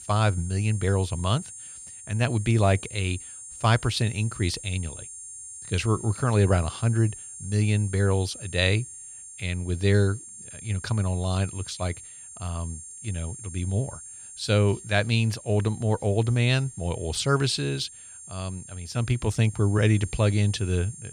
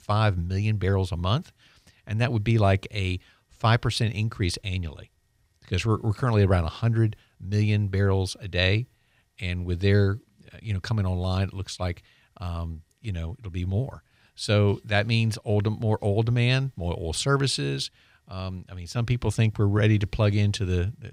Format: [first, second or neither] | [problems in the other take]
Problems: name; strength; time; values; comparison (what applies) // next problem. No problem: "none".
second | high-pitched whine; noticeable; throughout; 9 kHz, 15 dB below the speech